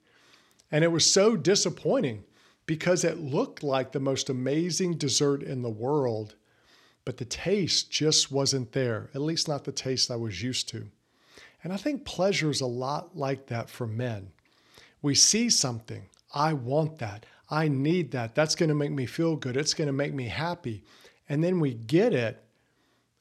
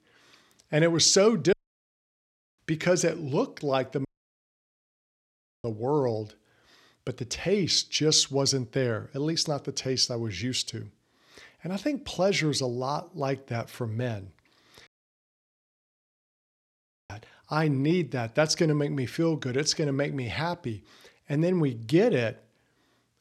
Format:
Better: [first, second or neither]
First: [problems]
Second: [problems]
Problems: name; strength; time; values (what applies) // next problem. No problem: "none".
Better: first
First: none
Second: audio cutting out; at 1.5 s for 1 s, at 4 s for 1.5 s and at 15 s for 2 s